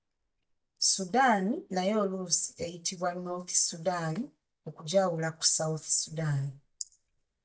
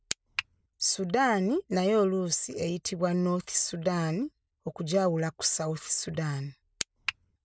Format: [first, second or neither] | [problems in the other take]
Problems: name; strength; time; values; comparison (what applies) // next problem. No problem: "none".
second | noise reduction (neural mask model DeepFilterNet 3)